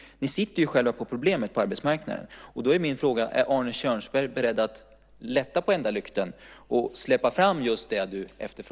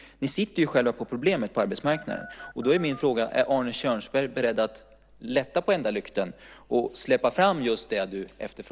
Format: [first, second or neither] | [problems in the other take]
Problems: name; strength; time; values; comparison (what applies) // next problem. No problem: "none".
first | background sound (Telephone); 17 dB below the speech